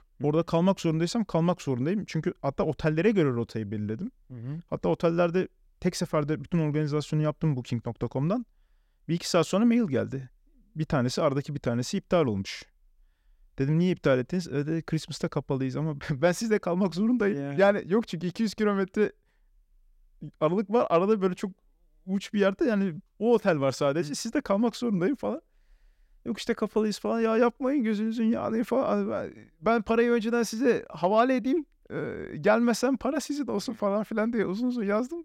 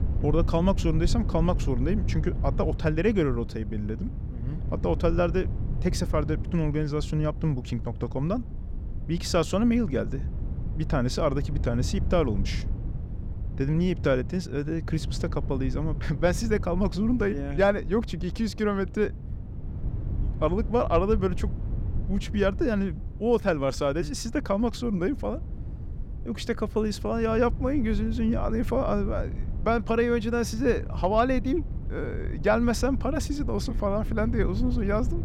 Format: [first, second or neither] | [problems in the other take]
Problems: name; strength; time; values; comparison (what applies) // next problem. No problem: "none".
first | wind noise on the microphone; occasional gusts; 20 dB below the speech